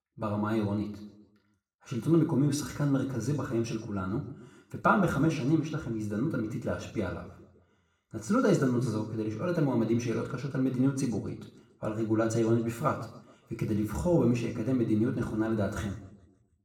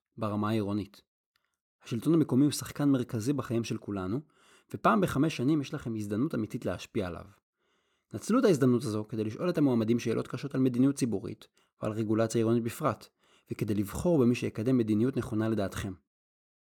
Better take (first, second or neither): second